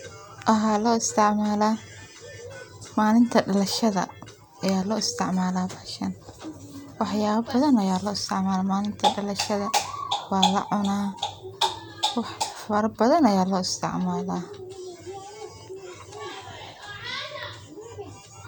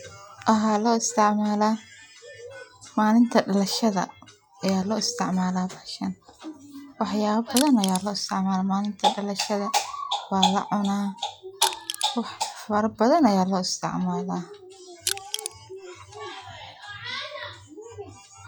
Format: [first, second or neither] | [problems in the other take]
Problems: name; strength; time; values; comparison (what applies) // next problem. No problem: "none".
first | noise reduction (classical method log-MMSE)